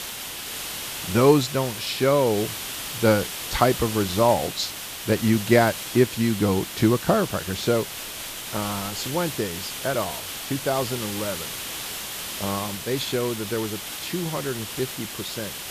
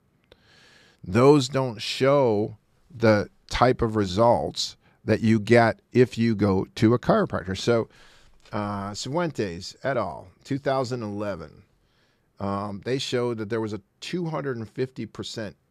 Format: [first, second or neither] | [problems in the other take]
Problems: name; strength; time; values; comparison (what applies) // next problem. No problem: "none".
second | hiss; loud; throughout; 7 dB below the speech